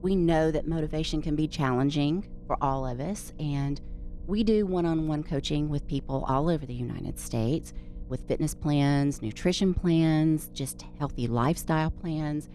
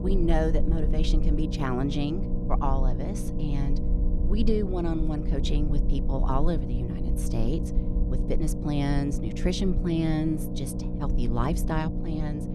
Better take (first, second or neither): first